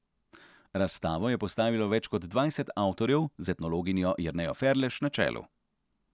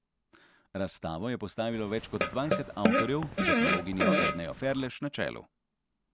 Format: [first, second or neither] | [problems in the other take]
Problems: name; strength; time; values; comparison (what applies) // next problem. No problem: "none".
first | background sound (Fart); 5 dB above the speech